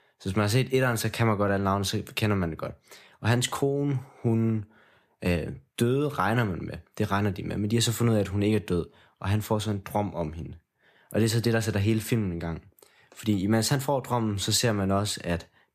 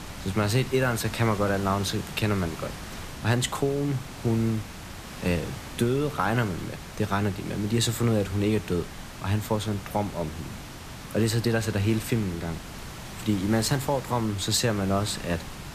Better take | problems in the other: first | hiss; noticeable; throughout; 10 dB below the speech

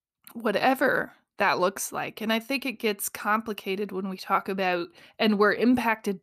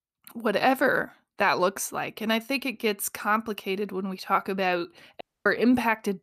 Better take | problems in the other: first | audio cutting out; at 5 s

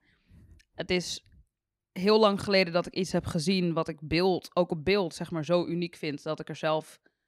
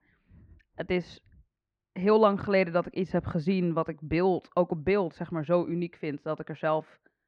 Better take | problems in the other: first | muffled; very; fading above 1.5 kHz

